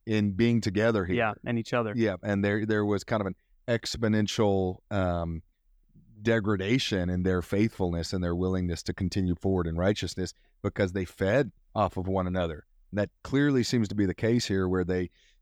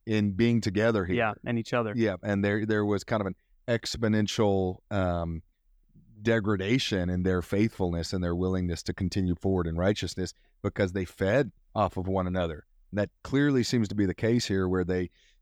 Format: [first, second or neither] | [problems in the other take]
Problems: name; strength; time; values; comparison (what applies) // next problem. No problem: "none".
neither | none